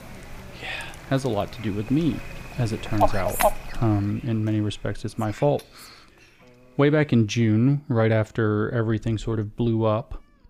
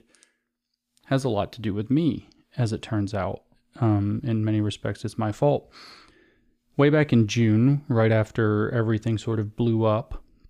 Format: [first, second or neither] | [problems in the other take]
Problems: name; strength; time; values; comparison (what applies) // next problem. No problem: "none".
second | animal sounds; loud; throughout; 6 dB below the speech